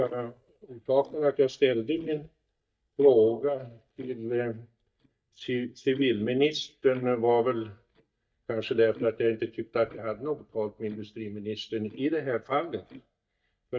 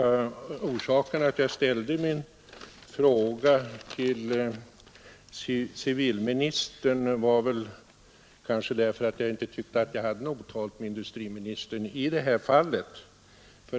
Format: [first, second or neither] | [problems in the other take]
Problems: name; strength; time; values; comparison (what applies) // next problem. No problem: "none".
second | noise reduction (neural mask model DeepFilterNet 3)